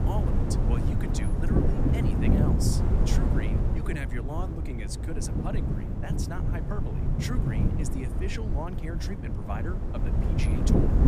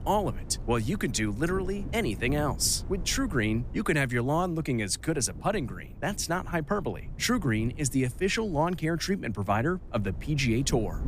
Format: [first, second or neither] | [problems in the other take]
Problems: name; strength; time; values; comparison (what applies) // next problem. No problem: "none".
second | wind noise on the microphone; heavy; 2 dB above the speech; occasional gusts in the second